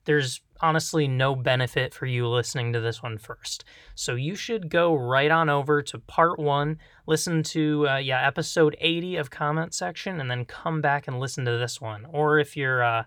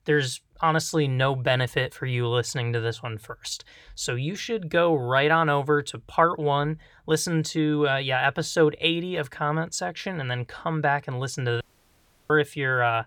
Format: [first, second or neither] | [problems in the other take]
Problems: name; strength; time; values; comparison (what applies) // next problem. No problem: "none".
first | audio cutting out; at 12 s for 0.5 s